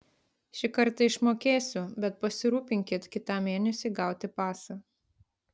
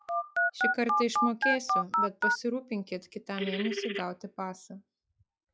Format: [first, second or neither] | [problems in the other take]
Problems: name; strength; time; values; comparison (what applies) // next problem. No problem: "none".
first | noise reduction (classical method log-MMSE)